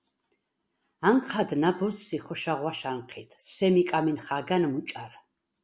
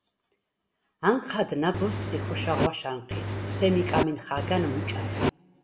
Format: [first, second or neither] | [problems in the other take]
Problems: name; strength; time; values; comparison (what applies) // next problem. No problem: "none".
first | background sound (Engine); as loud as the speech // room echo; dies away in 1 s